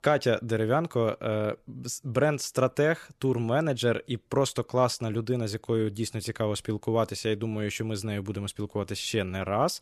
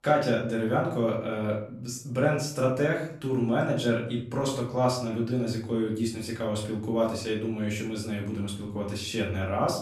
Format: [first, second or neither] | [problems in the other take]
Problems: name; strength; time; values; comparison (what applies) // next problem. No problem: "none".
first | off-mic speech; far // room echo; slight; dies away in 0.5 s